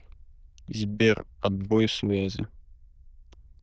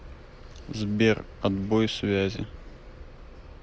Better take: second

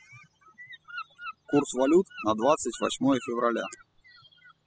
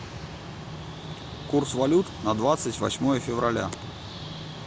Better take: second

